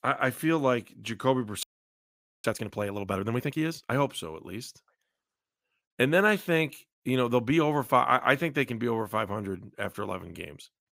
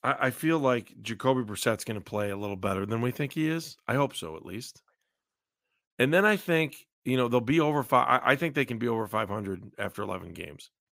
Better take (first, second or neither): second